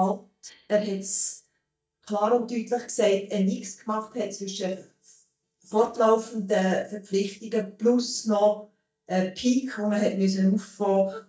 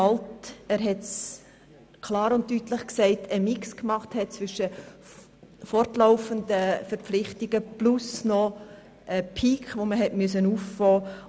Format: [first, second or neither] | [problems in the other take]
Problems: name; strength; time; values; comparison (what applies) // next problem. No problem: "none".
second | noise reduction (neural mask model DeepFilterNet 3)